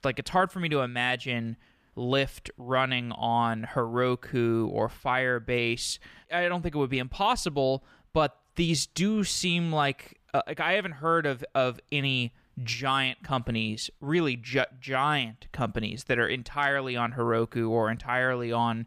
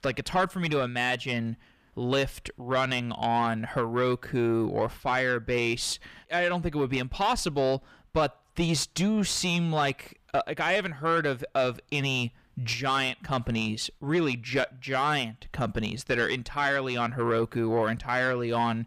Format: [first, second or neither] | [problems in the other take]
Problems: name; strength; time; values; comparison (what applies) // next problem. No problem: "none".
first | distortion; slight; 10 dB below the speech